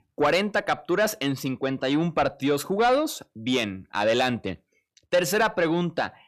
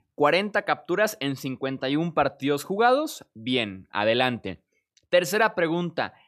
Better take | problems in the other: second | distortion; slight; 10 dB below the speech

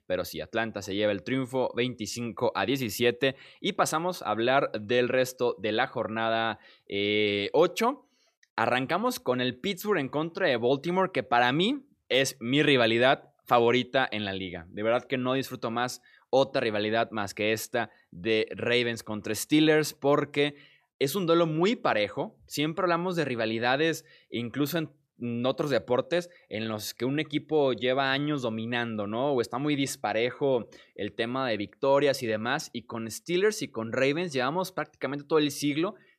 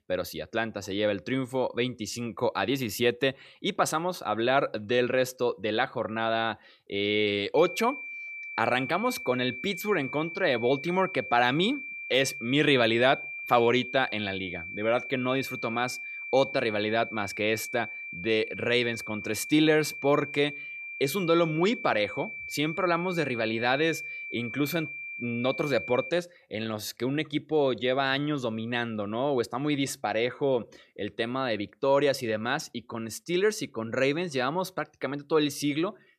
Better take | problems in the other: first | high-pitched whine; loud; from 7.5 to 26 s; 2.5 kHz, 8 dB below the speech

